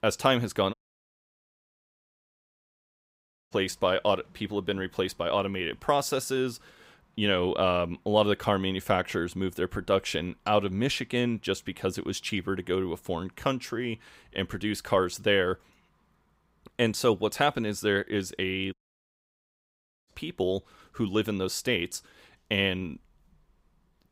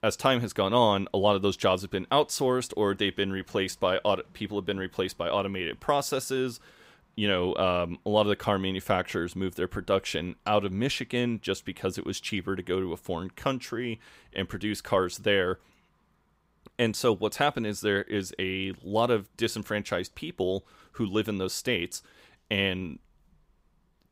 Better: second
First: audio cutting out; at 0.5 s for 3 s and at 19 s for 1.5 s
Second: none

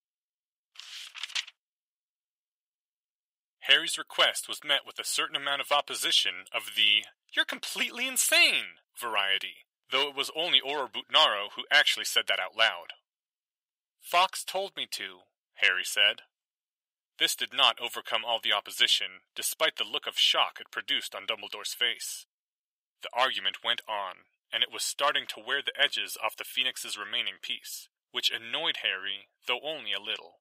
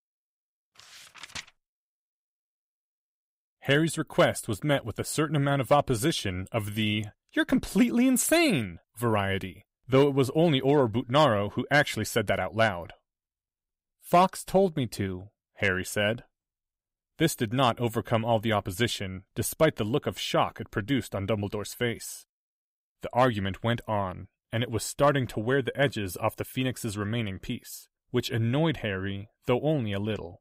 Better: second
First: thin; very; fading below 900 Hz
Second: none

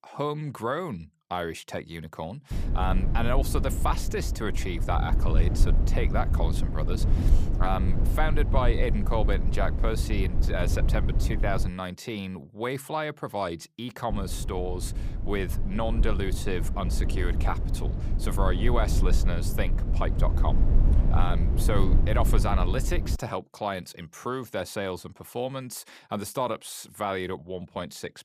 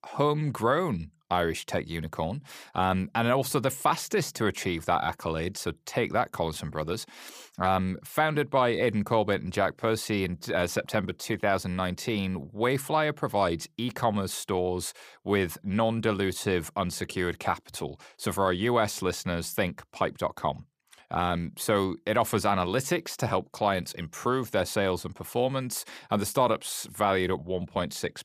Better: second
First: low rumble; loud; from 2.5 to 12 s and from 14 to 23 s; 9 dB below the speech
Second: none

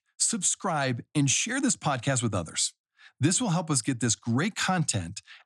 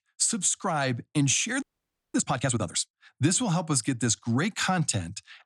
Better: first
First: none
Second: audio freezing; at 1.5 s for 0.5 s

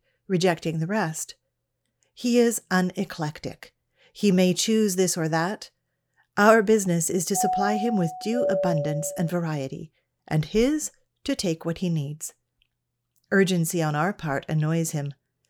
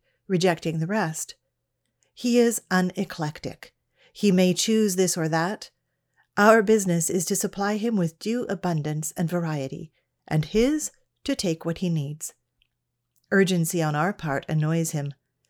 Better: second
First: doorbell; noticeable; from 7.5 to 9.5 s; peak level with the speech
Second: none

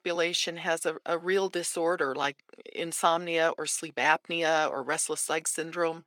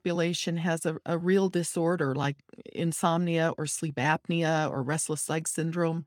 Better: second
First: thin; very; fading below 500 Hz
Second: none

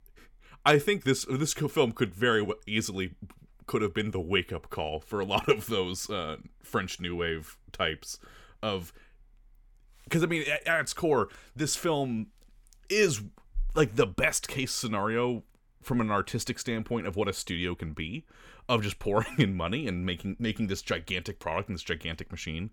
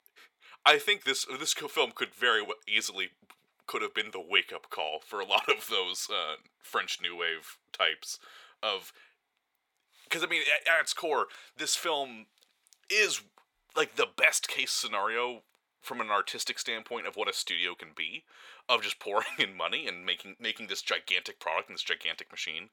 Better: first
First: none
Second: thin; very; fading below 700 Hz

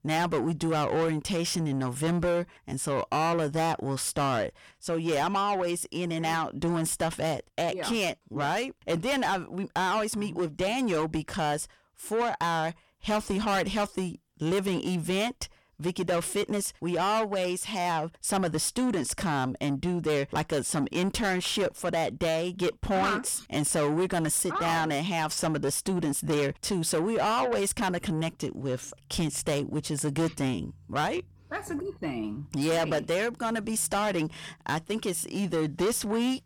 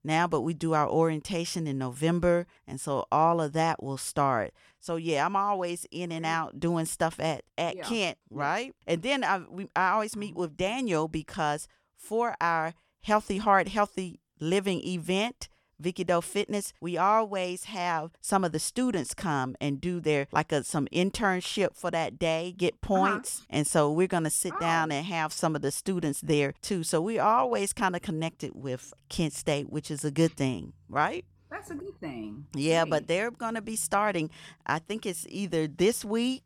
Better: second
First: distortion; heavy; 6 dB below the speech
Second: none

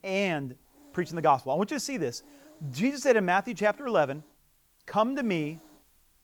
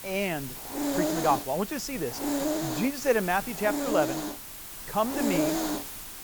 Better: first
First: hiss; faint; throughout; 30 dB below the speech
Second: hiss; loud; throughout; 2 dB below the speech

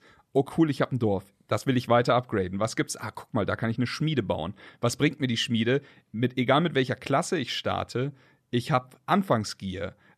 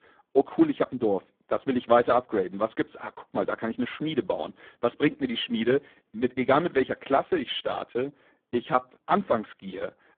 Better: first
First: none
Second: phone-call audio; poor line

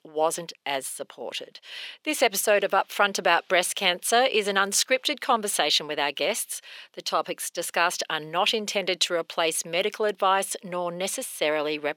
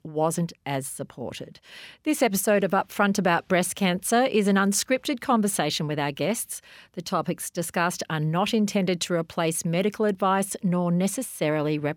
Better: second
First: thin; very; fading below 500 Hz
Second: none

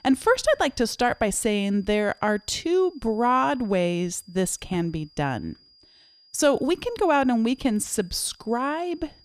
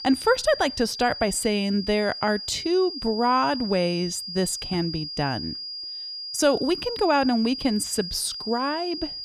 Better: first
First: high-pitched whine; faint; throughout; 5 kHz, 30 dB below the speech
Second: high-pitched whine; loud; throughout; 5 kHz, 8 dB below the speech

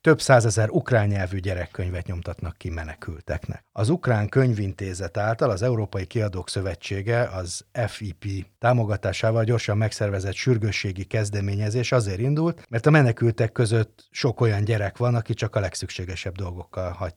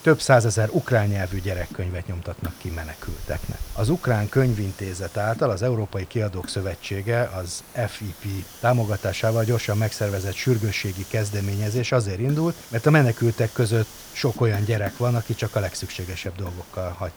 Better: first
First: none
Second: hiss; noticeable; throughout; 15 dB below the speech

